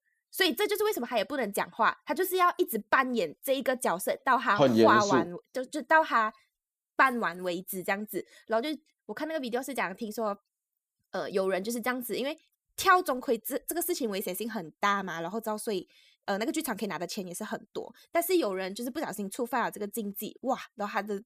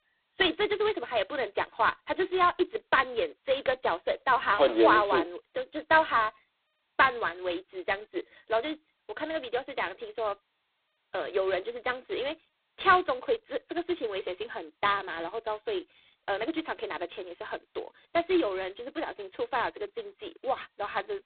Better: first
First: none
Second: phone-call audio; poor line; nothing above 4 kHz

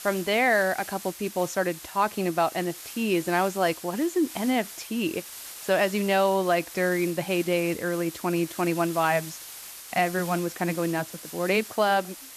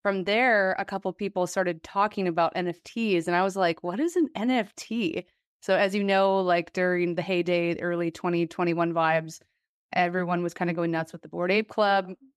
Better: second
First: hiss; noticeable; throughout; 15 dB below the speech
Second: none

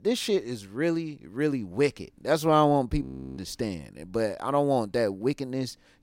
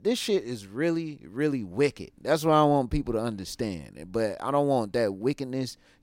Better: second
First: audio freezing; at 3 s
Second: none

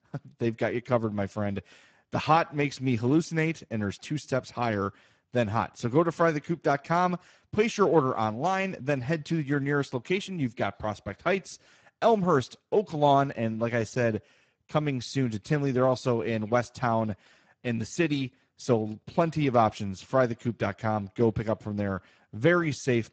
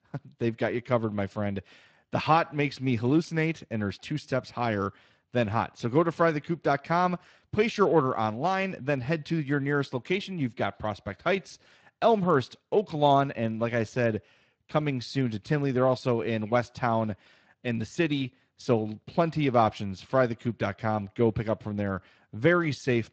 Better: second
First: garbled, watery; badly; nothing above 7.5 kHz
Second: garbled, watery; slightly; nothing above 7.5 kHz

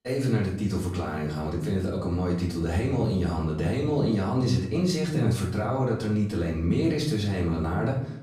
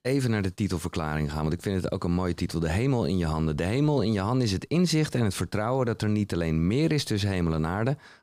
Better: second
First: off-mic speech; far // room echo; slight; dies away in 0.6 s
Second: none

